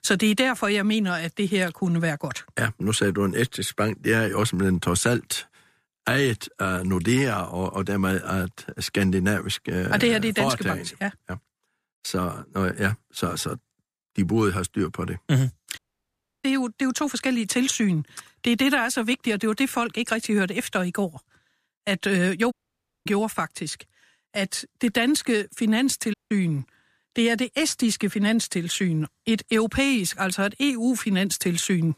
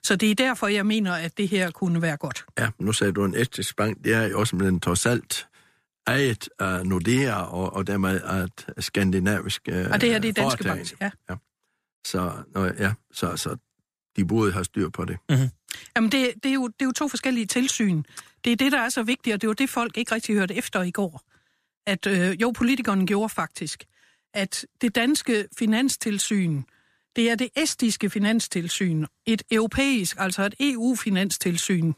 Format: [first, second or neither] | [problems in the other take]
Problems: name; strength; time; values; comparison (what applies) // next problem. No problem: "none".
second | audio cutting out; at 16 s for 0.5 s, at 23 s for 0.5 s and at 26 s